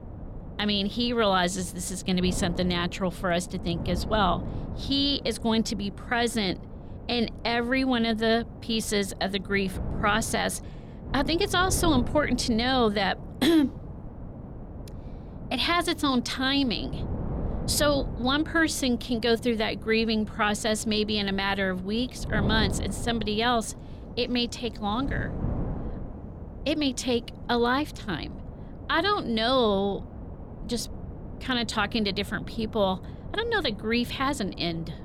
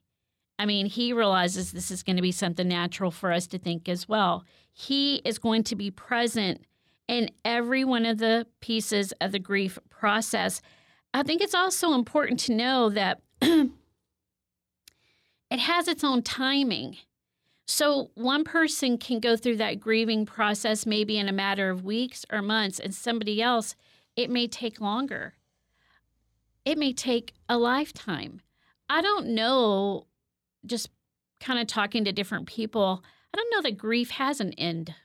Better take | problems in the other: second | wind noise on the microphone; occasional gusts; 15 dB below the speech

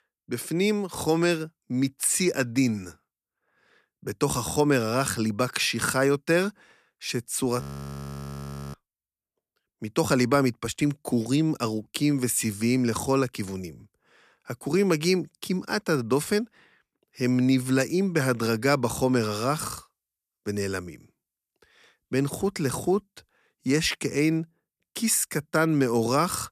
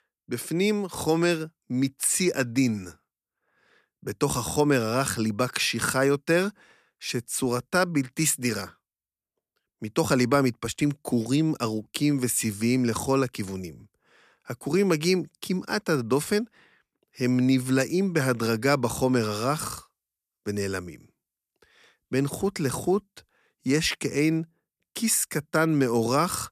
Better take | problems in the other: second | audio freezing; at 7.5 s for 1 s

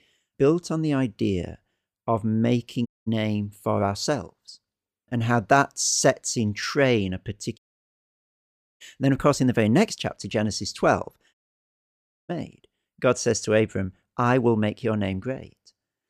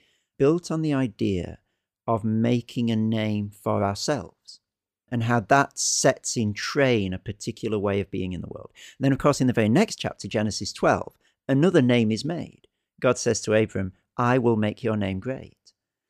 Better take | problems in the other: second | audio cutting out; at 3 s, at 7.5 s for 1 s and at 11 s for 1 s

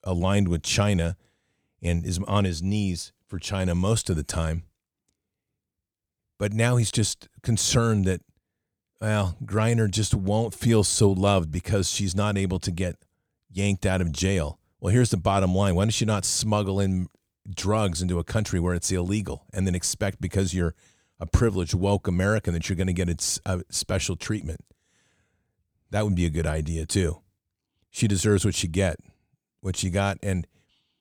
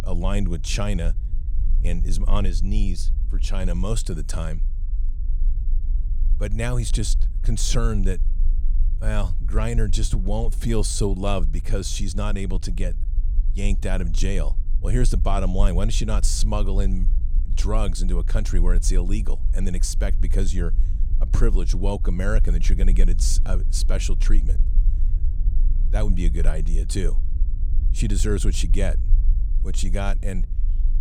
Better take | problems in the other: first | low rumble; noticeable; throughout; 15 dB below the speech

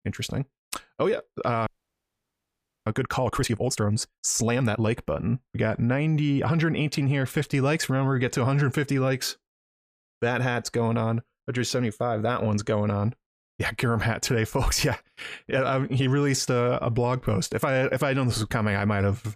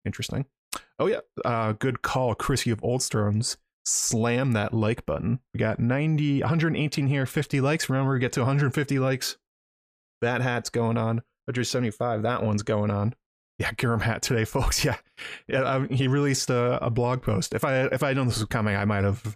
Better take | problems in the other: second | audio freezing; at 1.5 s for 1 s

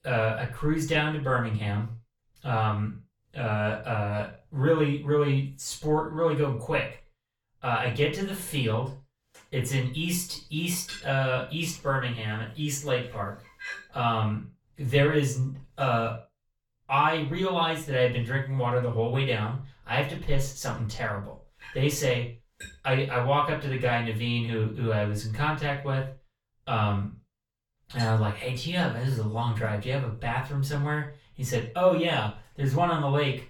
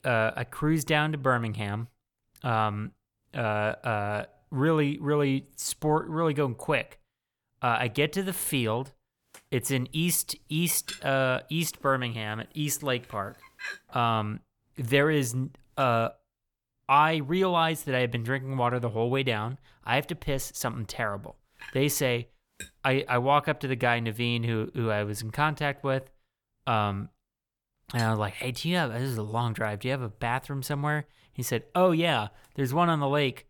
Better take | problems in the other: second | room echo; noticeable; dies away in 0.3 s // off-mic speech; far

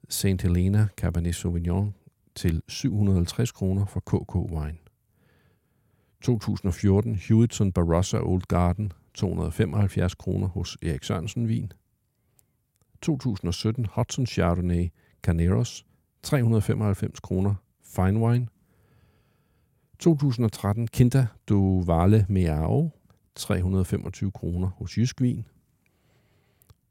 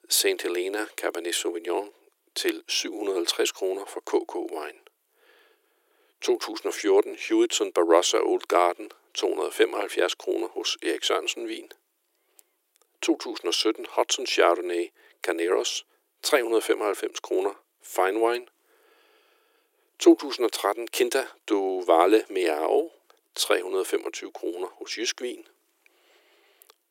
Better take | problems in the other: first | thin; very; fading below 350 Hz

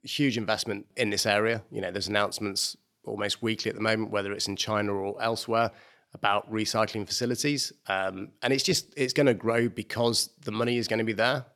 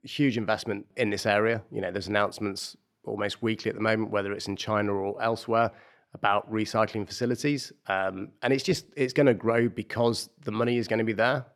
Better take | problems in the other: first | muffled; slightly; fading above 3 kHz

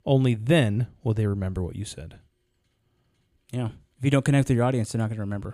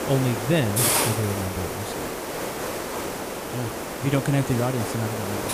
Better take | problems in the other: first | hiss; loud; throughout; 1 dB below the speech

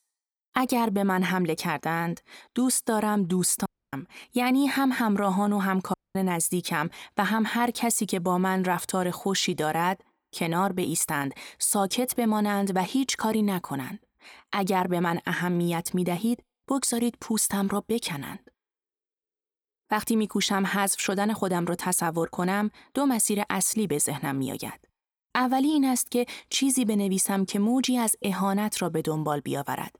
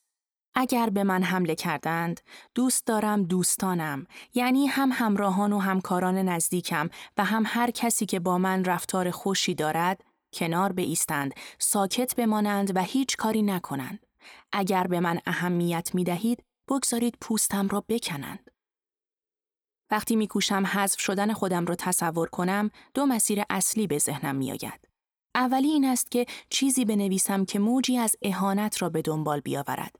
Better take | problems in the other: second | audio cutting out; at 3.5 s and at 6 s

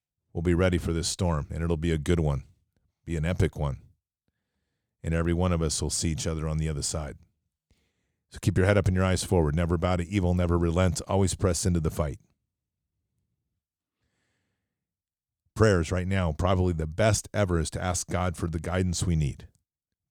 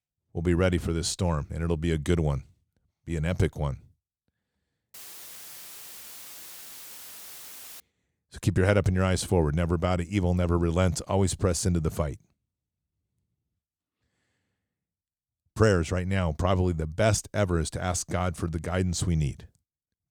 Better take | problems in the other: first | audio cutting out; filled with static; at 5 s for 3 s

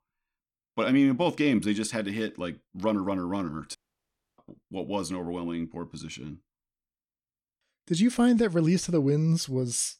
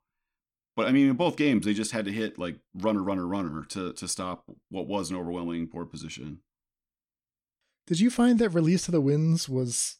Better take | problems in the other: second | audio cutting out; at 4 s for 0.5 s

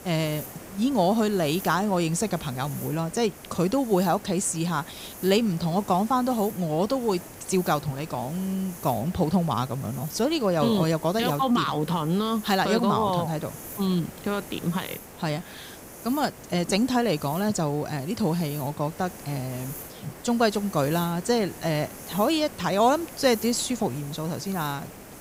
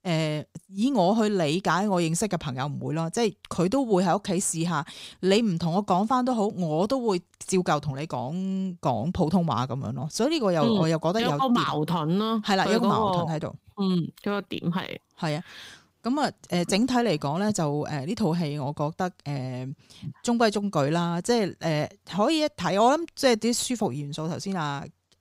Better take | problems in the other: second | hiss; noticeable; throughout; 15 dB below the speech

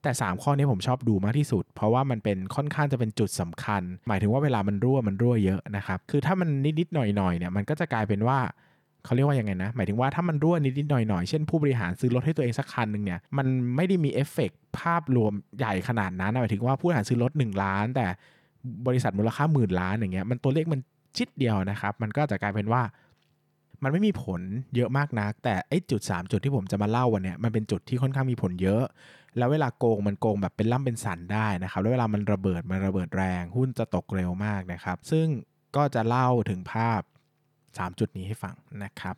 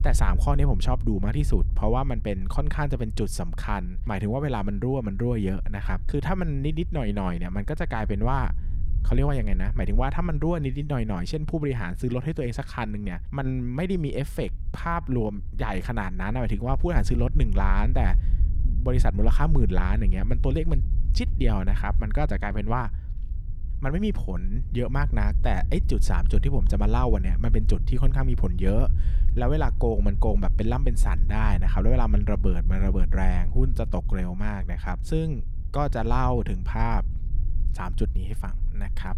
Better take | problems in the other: first | low rumble; noticeable; throughout; 15 dB below the speech

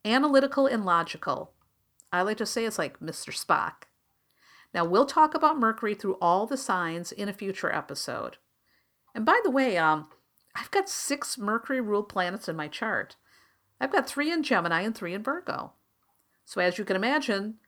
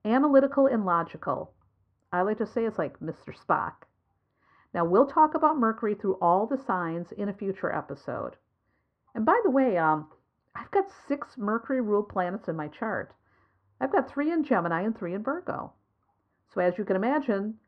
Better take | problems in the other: first | muffled; very; fading above 1 kHz

